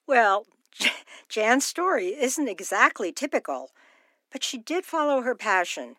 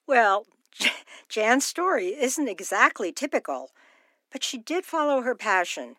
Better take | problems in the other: neither | thin; very slightly; fading below 250 Hz; the same in both

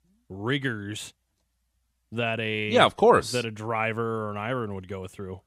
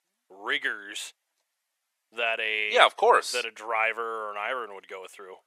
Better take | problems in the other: first | thin; very; fading below 550 Hz

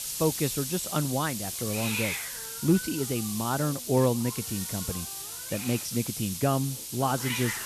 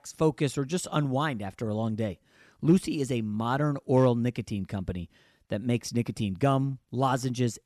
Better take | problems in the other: second | hiss; loud; throughout; 3 dB below the speech

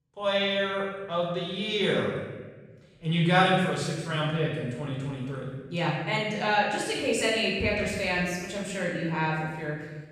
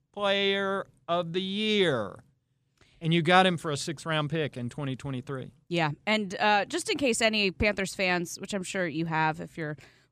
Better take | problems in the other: second | room echo; noticeable; dies away in 1.2 s // off-mic speech; far

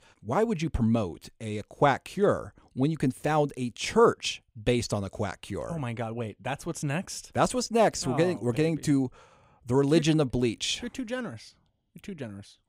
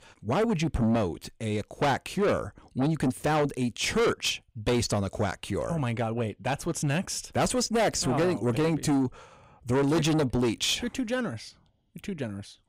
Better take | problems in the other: first | distortion; heavy; 7 dB below the speech

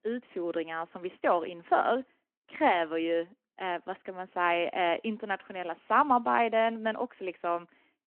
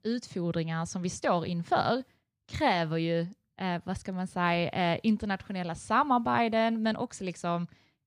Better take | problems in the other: second | phone-call audio

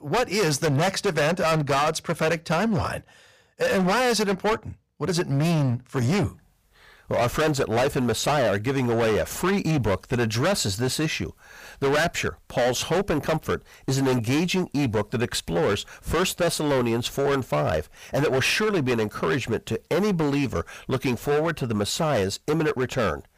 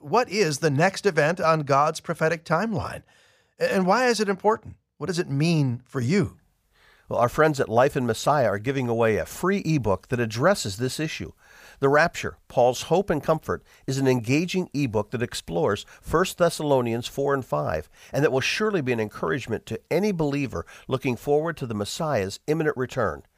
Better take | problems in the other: second | distortion; heavy; 20% of the sound clipped

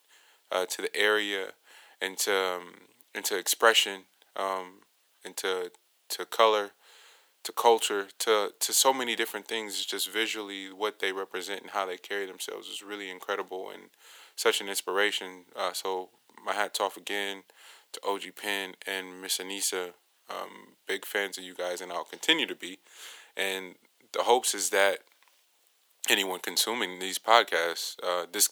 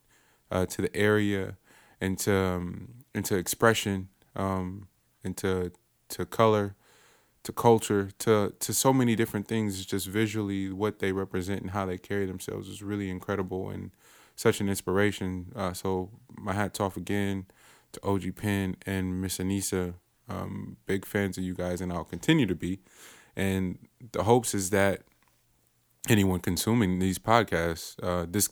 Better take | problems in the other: second | thin; very; fading below 500 Hz

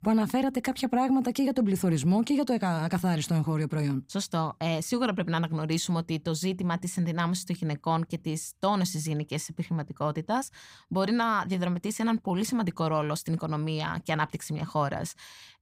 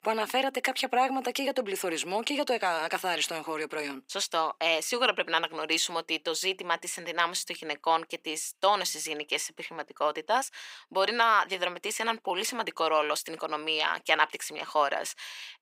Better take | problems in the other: first | thin; very; fading below 400 Hz

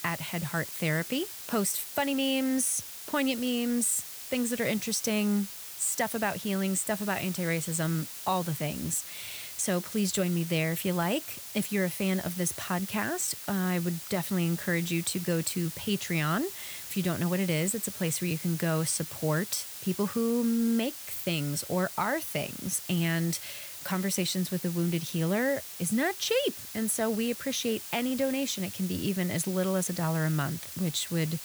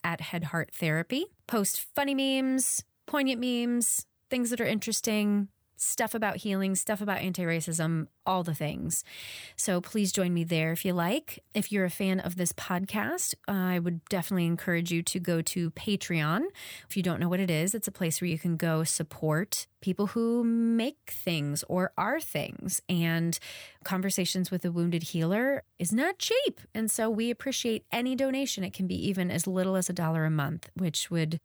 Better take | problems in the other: second | hiss; loud; throughout; 9 dB below the speech

